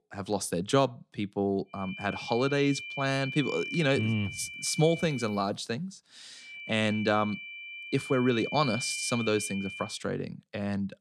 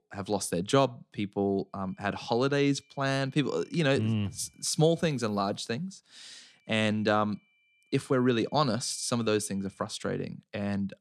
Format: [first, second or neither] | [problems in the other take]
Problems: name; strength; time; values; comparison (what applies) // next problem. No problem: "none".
second | high-pitched whine; loud; from 2 to 5.5 s and from 6.5 to 10 s; 2.5 kHz, 8 dB below the speech; faint in the second